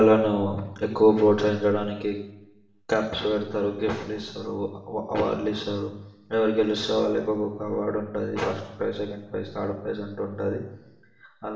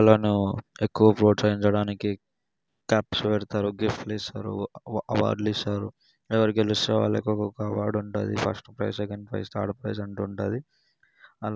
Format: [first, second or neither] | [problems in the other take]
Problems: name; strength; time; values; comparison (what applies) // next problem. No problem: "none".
second | room echo; dies away in 0.8 s